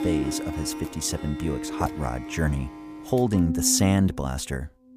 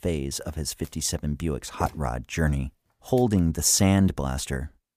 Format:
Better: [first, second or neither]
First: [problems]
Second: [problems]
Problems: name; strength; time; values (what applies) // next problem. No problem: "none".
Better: second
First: background music; loud; throughout; 7 dB below the speech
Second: none